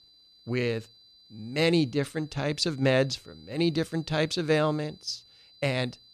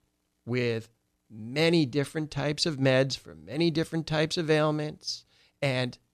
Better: second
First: high-pitched whine; faint; throughout; 4 kHz, 25 dB below the speech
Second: none

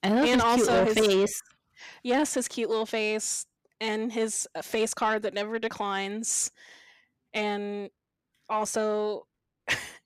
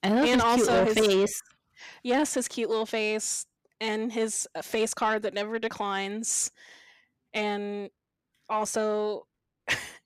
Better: neither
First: distortion; slight; 10 dB below the speech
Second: distortion; slight; 10 dB below the speech

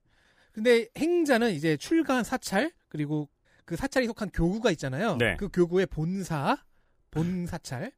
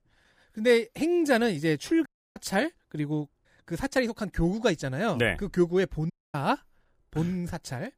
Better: first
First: none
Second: audio cutting out; at 2 s and at 6 s

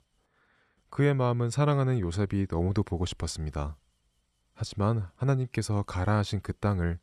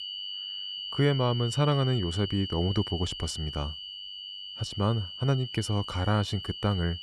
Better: first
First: none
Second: high-pitched whine; loud; throughout; 3 kHz, 7 dB below the speech

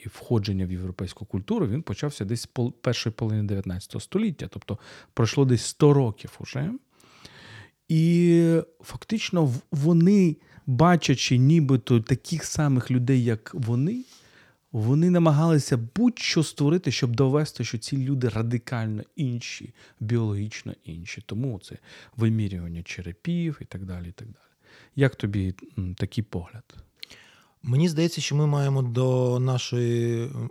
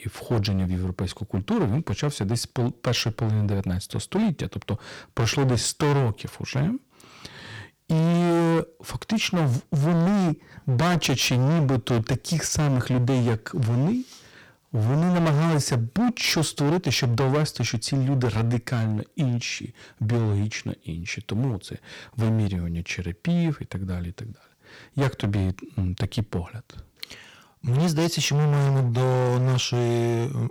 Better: first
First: none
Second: distortion; heavy; 19% of the sound clipped

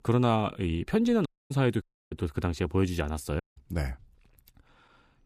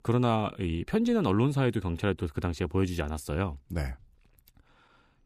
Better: second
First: audio cutting out; at 1.5 s, at 2 s and at 3.5 s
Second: none

